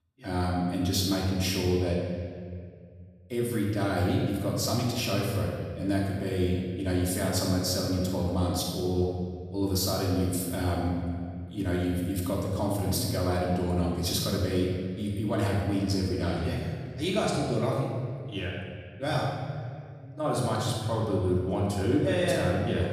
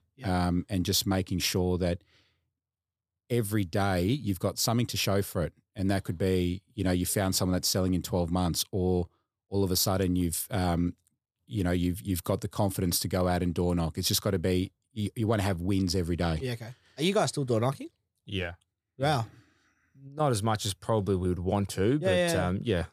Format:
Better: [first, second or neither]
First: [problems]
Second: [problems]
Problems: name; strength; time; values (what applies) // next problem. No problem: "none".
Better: second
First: off-mic speech; far // room echo; noticeable; dies away in 1.9 s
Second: none